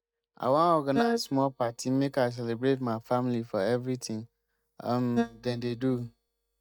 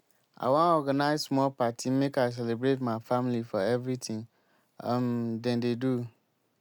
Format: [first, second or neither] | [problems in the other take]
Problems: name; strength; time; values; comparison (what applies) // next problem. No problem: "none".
second | noise reduction (neural mask model DeepFilterNet 3)